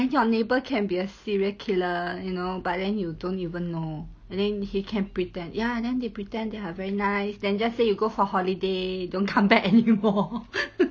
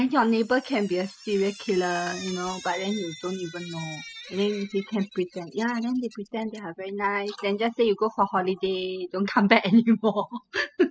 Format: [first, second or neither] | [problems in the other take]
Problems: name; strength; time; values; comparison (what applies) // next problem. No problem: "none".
first | noise reduction (classical method spectral subtraction)